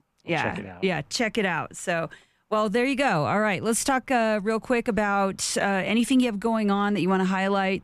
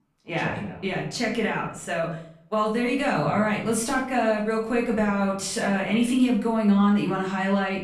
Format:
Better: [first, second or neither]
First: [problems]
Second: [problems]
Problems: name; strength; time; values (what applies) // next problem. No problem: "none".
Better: first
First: none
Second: room echo; slight; dies away in 0.5 s // off-mic speech; far